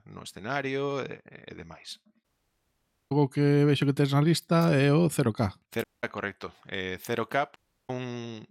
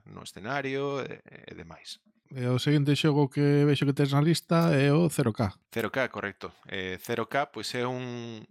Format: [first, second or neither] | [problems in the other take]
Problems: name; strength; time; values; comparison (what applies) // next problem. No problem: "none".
second | audio cutting out; at 2 s for 1 s, at 6 s and at 7.5 s